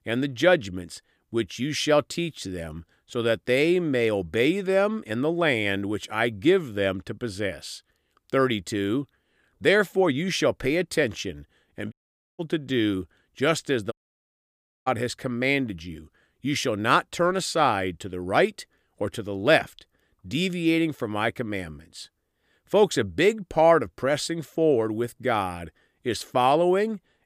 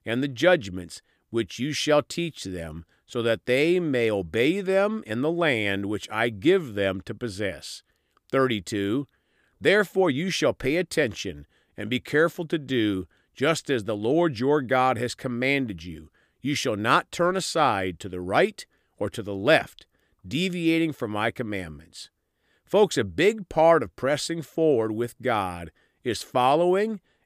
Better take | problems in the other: second | audio cutting out; at 12 s and at 14 s for 1 s

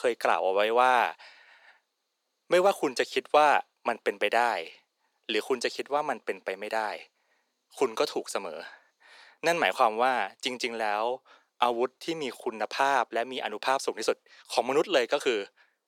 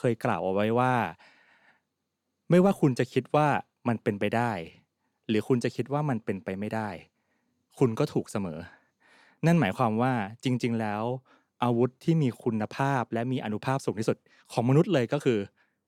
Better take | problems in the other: second | thin; very; fading below 450 Hz

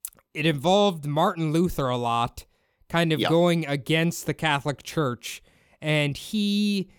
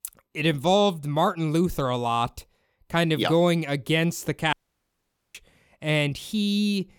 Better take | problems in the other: first | audio cutting out; at 4.5 s for 1 s

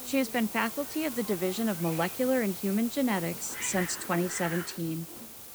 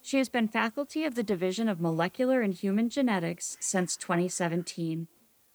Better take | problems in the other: second | hiss; loud; throughout; 6 dB below the speech; faint in the second

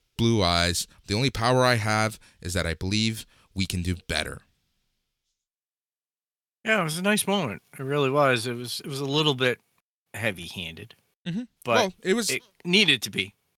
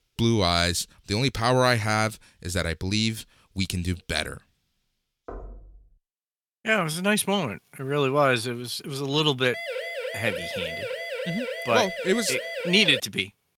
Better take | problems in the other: first | door banging; faint; at 5.5 s; peak 15 dB below the speech // siren; noticeable; from 9.5 to 13 s; peak 6 dB below the speech

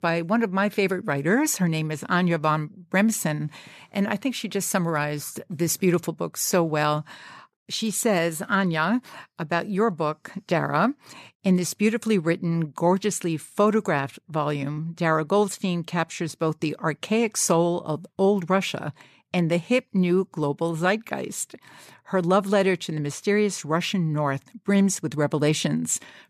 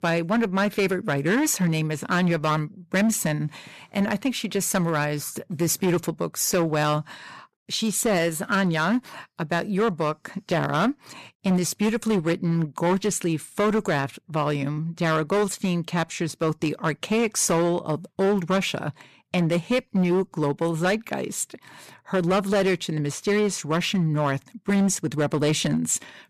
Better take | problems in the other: first | distortion; slight; 9% of the sound clipped

